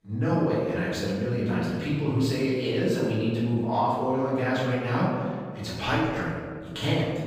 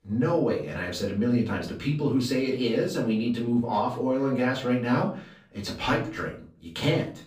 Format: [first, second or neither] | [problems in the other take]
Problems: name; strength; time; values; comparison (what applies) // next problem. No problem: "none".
second | room echo; strong; dies away in 1.7 s; slight in the second // off-mic speech; far; far in the second